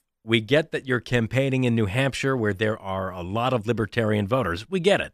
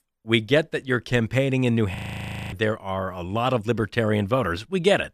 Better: first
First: none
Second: audio freezing; at 2 s for 0.5 s

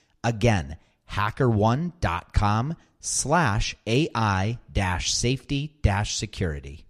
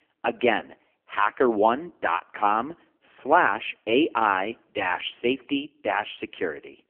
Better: first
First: none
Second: phone-call audio; poor line; nothing above 3 kHz

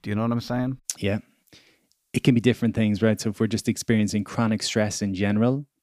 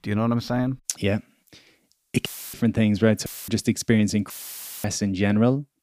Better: first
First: none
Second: audio cutting out; filled with static; at 2.5 s, at 3.5 s and at 4.5 s for 0.5 s

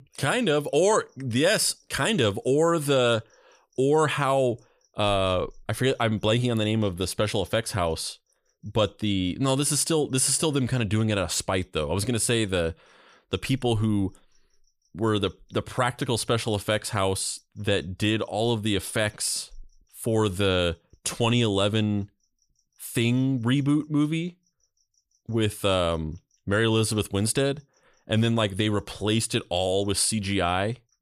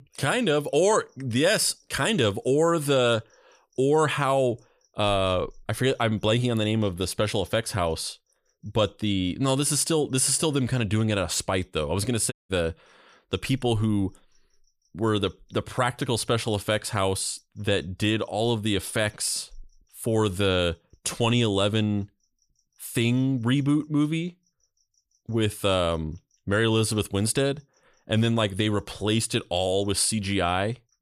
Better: first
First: none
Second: audio cutting out; at 12 s

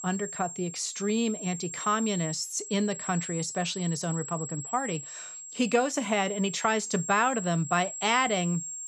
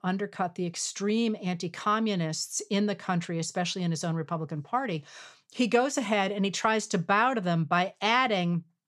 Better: second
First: high-pitched whine; loud; throughout; 7.5 kHz, 8 dB below the speech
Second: none

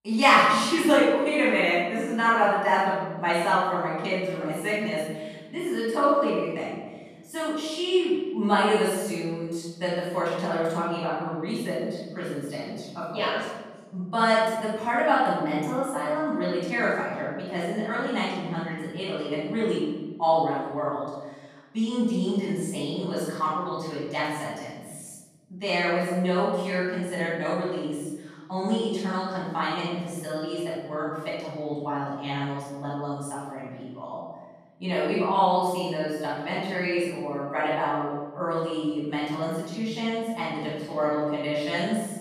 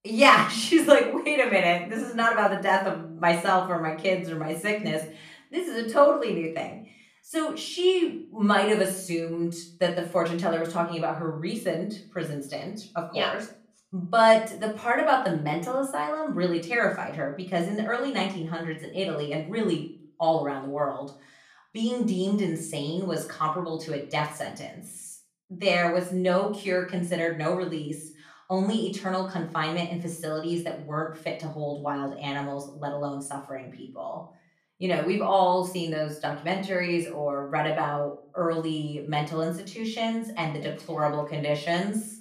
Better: second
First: room echo; strong; dies away in 1.3 s // off-mic speech; far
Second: room echo; slight; dies away in 0.4 s // off-mic speech; far

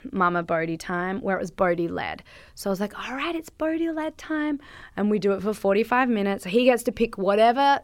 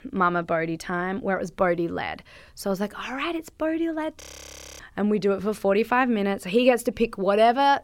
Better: first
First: none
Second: audio freezing; at 4 s for 0.5 s

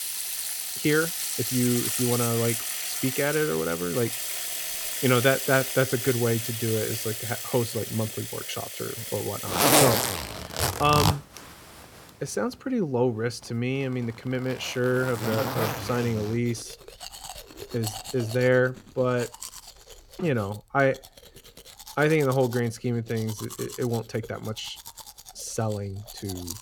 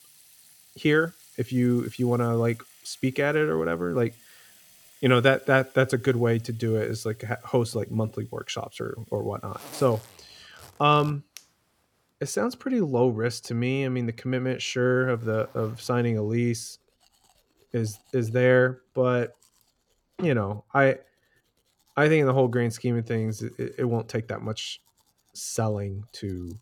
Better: second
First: household noises; loud; throughout; 1 dB below the speech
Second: household noises; faint; throughout; 25 dB below the speech

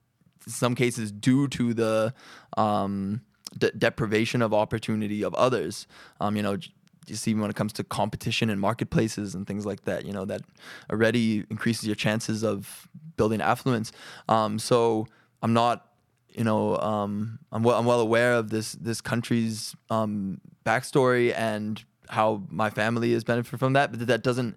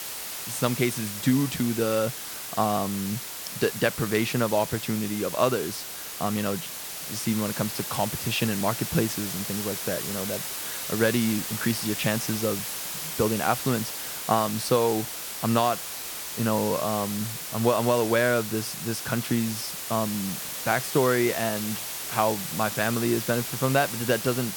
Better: first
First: none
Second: hiss; loud; throughout; 5 dB below the speech

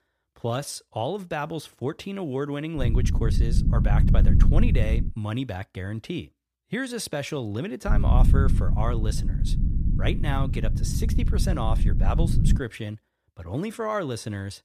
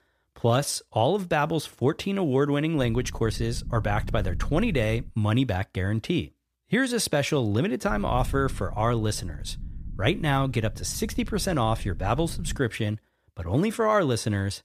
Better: second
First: low rumble; loud; from 3 to 5 s and from 8 to 13 s; 6 dB below the speech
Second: low rumble; faint; from 3 to 5 s and from 8 to 13 s; 25 dB below the speech

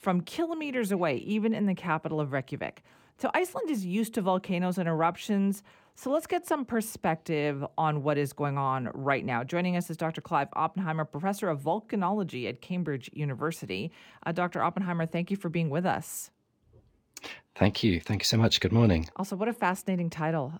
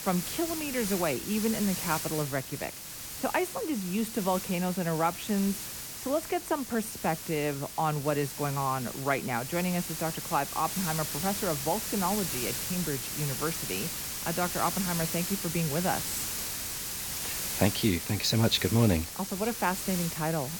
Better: first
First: none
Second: hiss; loud; throughout; 3 dB below the speech

